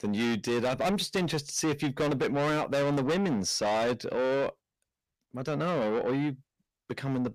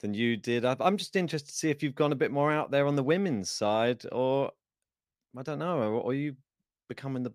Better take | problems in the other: second | distortion; heavy; 6 dB below the speech

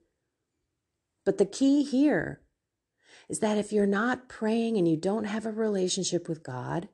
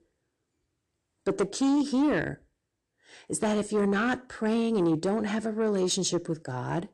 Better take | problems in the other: first | distortion; slight; 10 dB below the speech

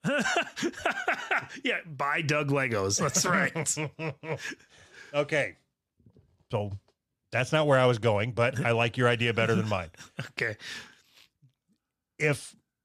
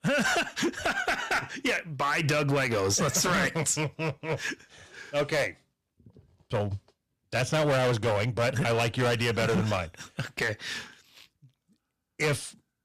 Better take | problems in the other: first | distortion; heavy; 12% of the sound clipped

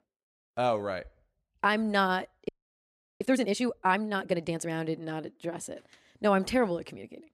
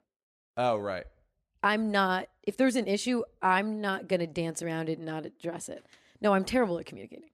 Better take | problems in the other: second | audio freezing; at 2.5 s for 0.5 s

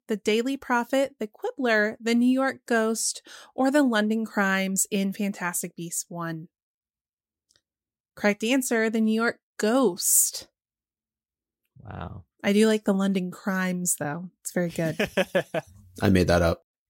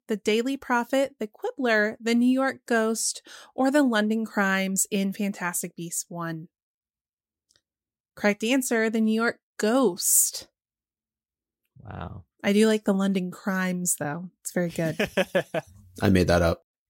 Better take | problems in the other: neither | none

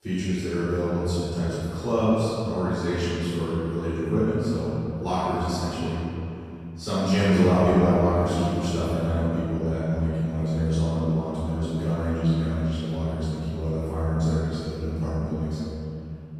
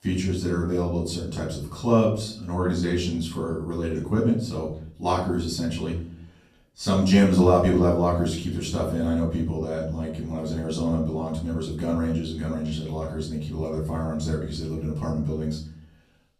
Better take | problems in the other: second | room echo; strong; dies away in 2.8 s; slight in the second // off-mic speech; far; far in the second

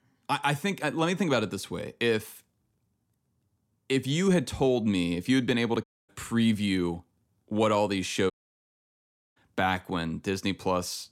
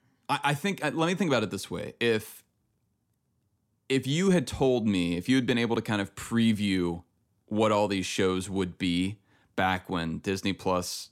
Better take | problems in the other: second | audio cutting out; at 6 s and at 8.5 s for 1 s

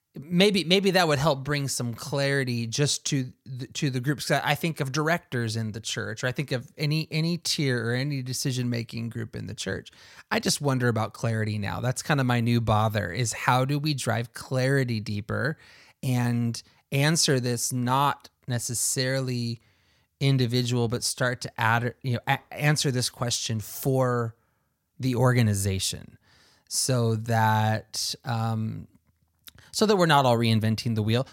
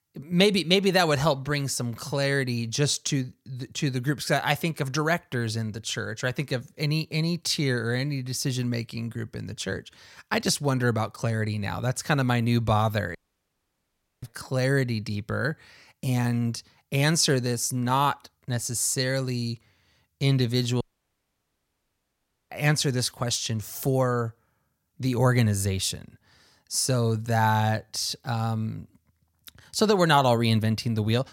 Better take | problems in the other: first | audio cutting out; at 13 s for 1 s and at 21 s for 1.5 s

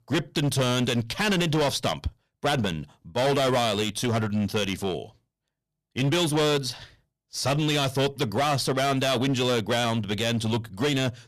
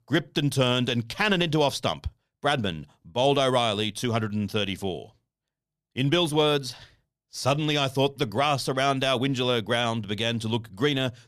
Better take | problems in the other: second | distortion; heavy; 15% of the sound clipped

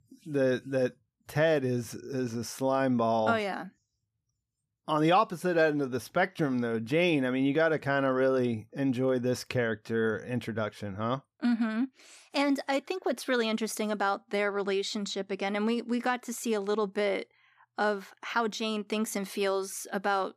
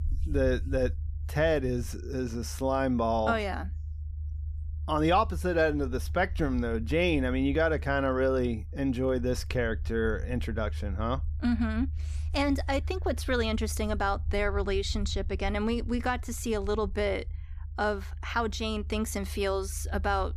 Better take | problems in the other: first | low rumble; faint; throughout; 25 dB below the speech

